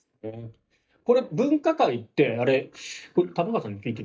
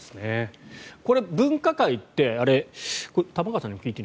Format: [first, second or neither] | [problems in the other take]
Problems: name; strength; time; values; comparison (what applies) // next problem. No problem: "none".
second | noise reduction (neural mask model DeepFilterNet 3)